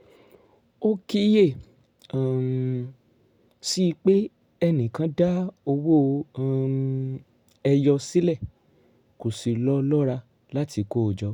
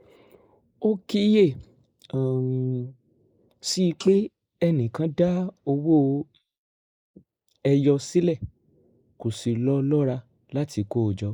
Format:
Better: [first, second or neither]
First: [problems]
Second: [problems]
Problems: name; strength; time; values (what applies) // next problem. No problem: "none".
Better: first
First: none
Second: noise reduction (neural mask model Resemble Enhance denoiser)